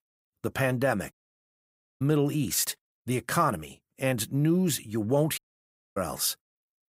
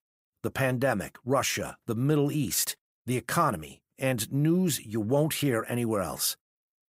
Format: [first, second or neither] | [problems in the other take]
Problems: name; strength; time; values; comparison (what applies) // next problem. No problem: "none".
second | audio cutting out; at 1 s for 1 s and at 5.5 s for 0.5 s